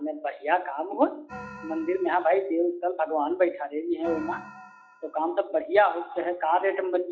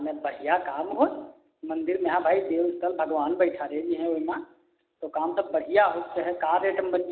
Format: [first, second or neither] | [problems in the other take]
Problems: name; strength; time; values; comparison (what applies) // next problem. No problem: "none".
second | noise reduction (classical method log-MMSE)